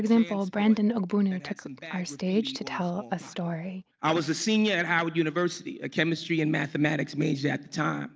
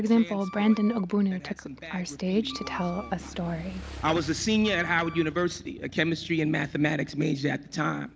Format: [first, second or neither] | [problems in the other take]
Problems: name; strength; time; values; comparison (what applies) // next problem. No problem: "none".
first | background sound (Motorcycle / Engine + Wind instrument, woodwind instrument); 17 dB below the speech